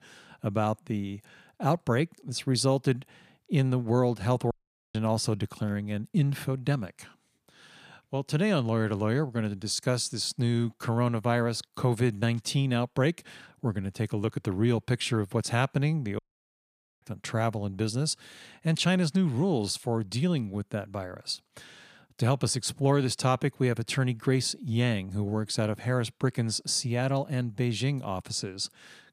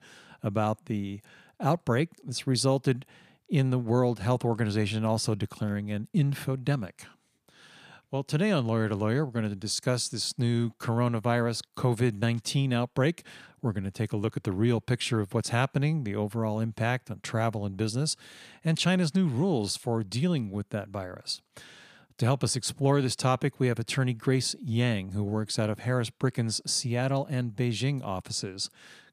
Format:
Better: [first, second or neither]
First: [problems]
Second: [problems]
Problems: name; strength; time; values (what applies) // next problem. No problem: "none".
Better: second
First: audio cutting out; at 4.5 s and at 16 s for 1 s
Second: none